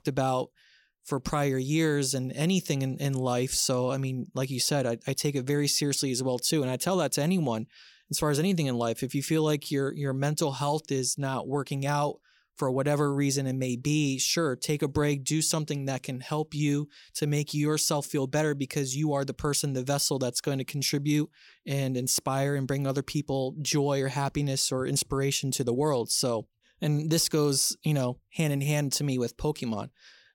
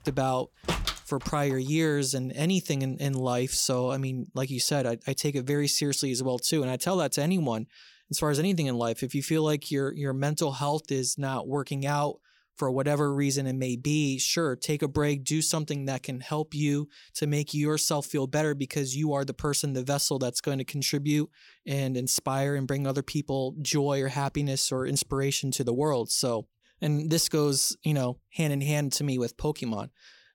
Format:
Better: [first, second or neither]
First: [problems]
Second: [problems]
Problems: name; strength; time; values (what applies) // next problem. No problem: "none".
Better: first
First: none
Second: door banging; noticeable; until 1.5 s; peak 2 dB below the speech